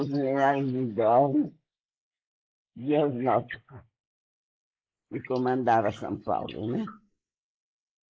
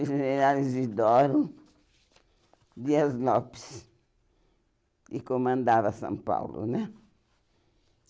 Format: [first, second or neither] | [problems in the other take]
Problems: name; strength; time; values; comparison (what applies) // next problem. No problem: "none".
second | noise reduction (neural mask model Resemble Enhance denoiser)